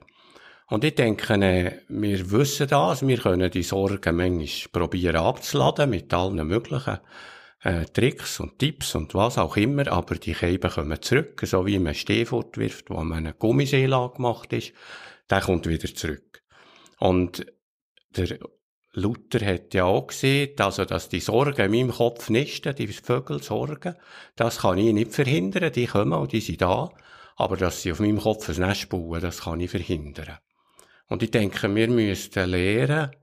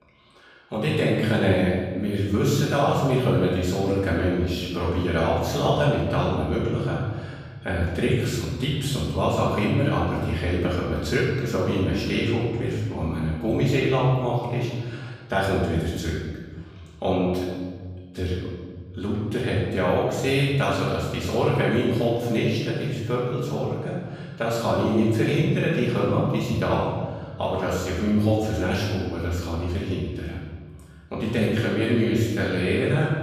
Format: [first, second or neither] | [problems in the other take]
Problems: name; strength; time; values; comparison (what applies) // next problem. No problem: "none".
first | off-mic speech; far // room echo; strong; dies away in 1.6 s